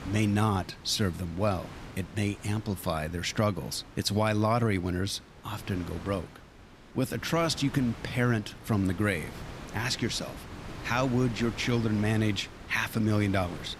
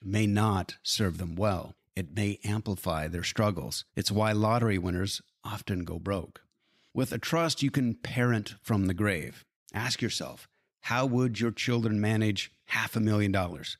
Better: second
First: wind noise on the microphone; occasional gusts; 15 dB below the speech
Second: none

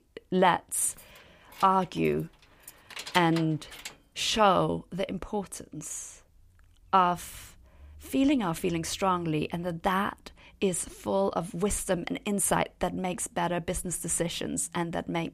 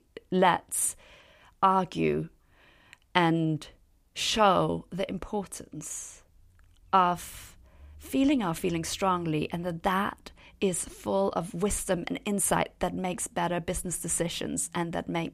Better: second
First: jangling keys; noticeable; from 1 to 4 s; peak 9 dB below the speech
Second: none

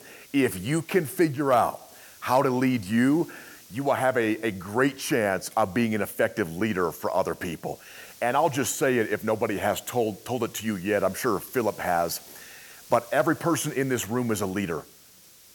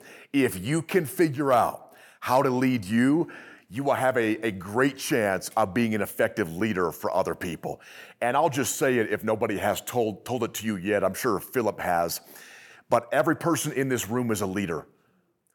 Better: second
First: hiss; faint; throughout; 20 dB below the speech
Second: none

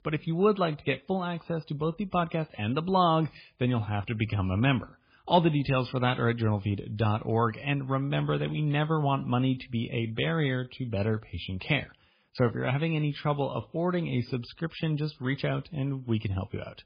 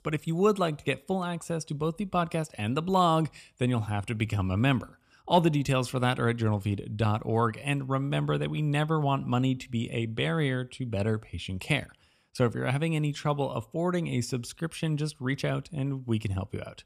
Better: second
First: garbled, watery; badly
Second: none

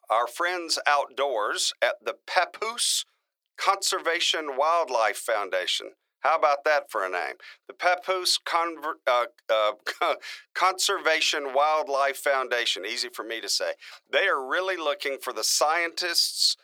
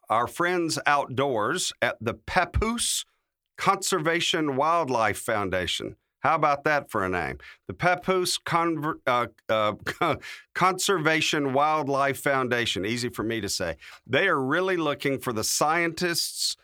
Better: second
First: thin; very; fading below 450 Hz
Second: none

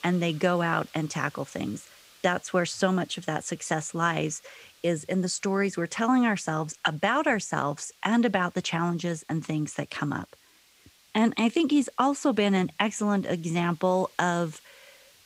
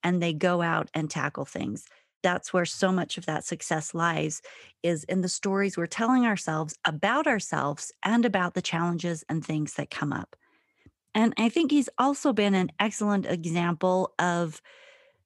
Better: second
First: hiss; faint; throughout; 30 dB below the speech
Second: none

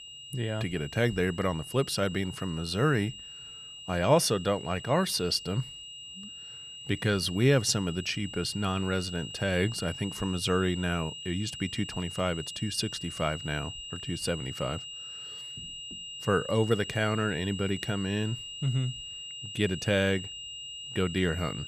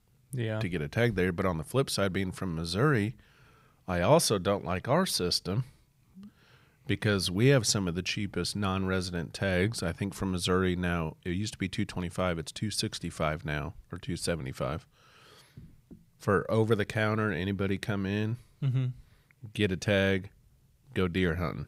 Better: second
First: high-pitched whine; loud; throughout; 3 kHz, 10 dB below the speech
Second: none

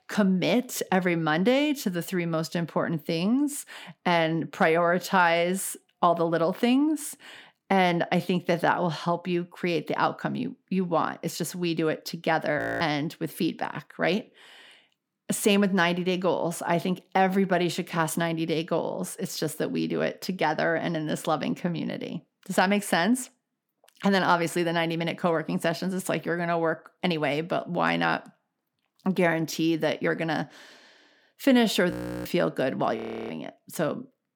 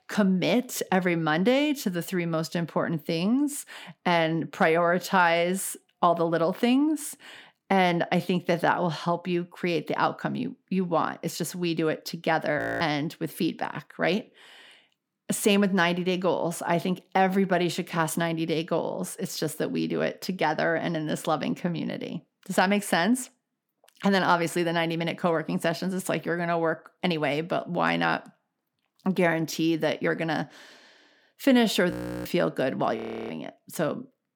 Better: neither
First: audio freezing; at 13 s, at 32 s and at 33 s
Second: audio freezing; at 13 s, at 32 s and at 33 s

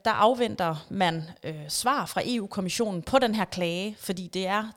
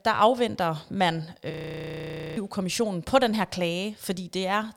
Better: first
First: none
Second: audio freezing; at 1.5 s for 1 s

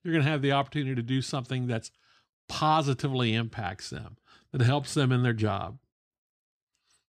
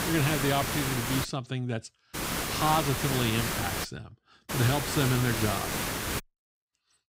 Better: first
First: none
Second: hiss; loud; until 1 s, from 2 to 4 s and from 4.5 to 6 s; 1 dB below the speech

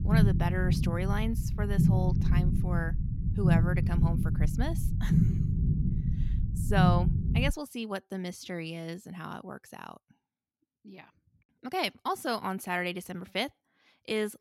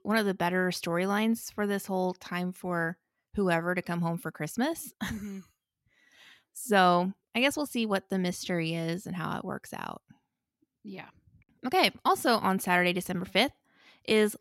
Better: second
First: low rumble; loud; until 7.5 s; 4 dB below the speech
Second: none

